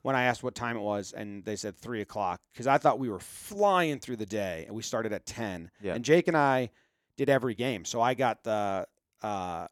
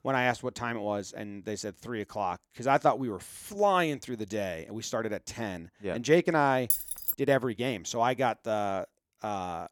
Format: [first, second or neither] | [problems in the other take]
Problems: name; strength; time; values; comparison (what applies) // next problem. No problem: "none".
first | jangling keys; loud; at 6.5 s; peak 2 dB above the speech